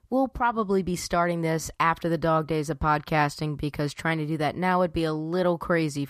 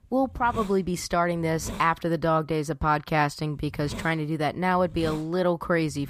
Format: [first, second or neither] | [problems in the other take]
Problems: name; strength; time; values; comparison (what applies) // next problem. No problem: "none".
first | hiss; noticeable; until 2.5 s and from 3.5 s on; 15 dB below the speech